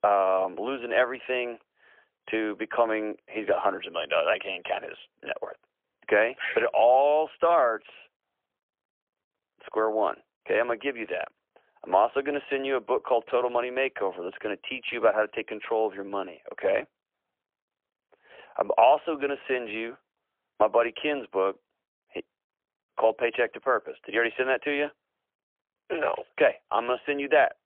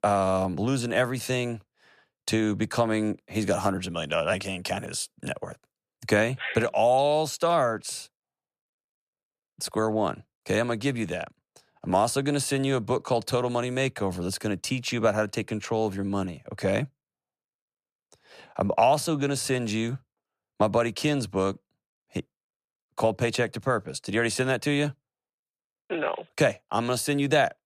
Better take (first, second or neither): second